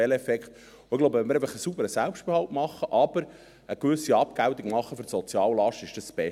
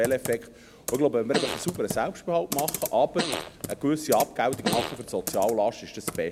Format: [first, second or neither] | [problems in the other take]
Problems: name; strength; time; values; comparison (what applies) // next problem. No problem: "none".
first | background sound (Computer keyboard + Fart); 7 dB below the speech